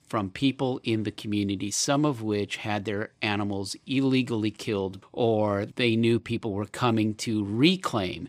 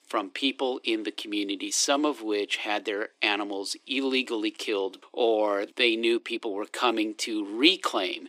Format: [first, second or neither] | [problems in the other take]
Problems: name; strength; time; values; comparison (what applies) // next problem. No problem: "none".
first | thin; somewhat; fading below 300 Hz